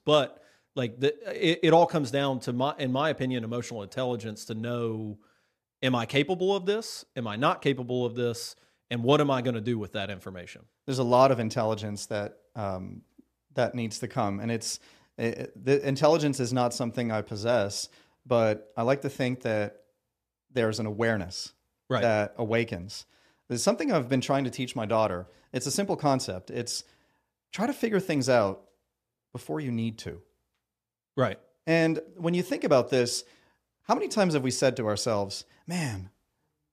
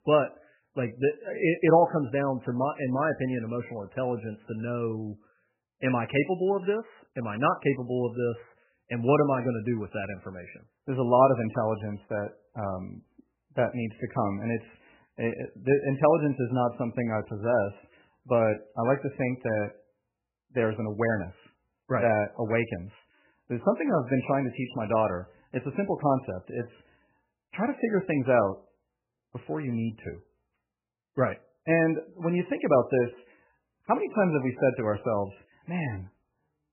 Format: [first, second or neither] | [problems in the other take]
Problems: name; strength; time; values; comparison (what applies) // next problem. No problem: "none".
first | garbled, watery; badly; nothing above 3 kHz